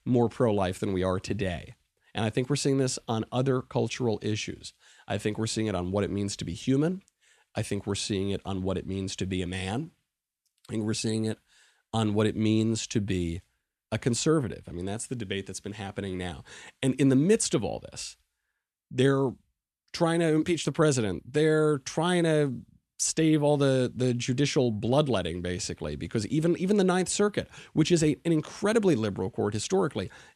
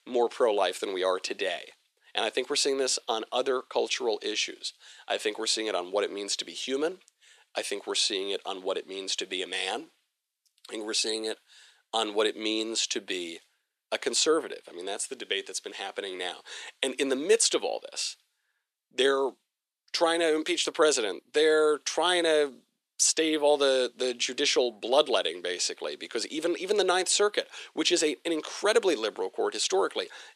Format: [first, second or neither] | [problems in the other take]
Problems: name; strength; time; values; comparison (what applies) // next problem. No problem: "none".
first | thin; very; fading below 400 Hz